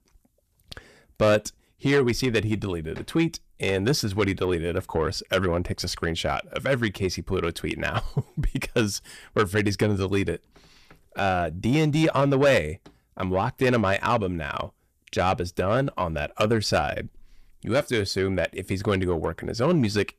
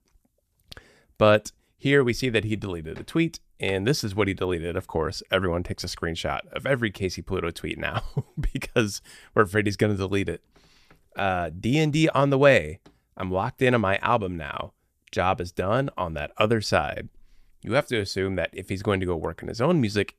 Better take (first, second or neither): second